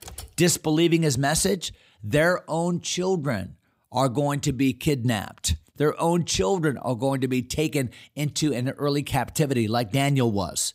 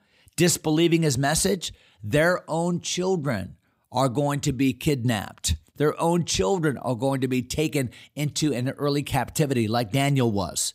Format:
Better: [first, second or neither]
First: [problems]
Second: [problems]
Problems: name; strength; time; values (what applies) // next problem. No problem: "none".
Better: second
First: keyboard typing; faint; at the start; peak 15 dB below the speech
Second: none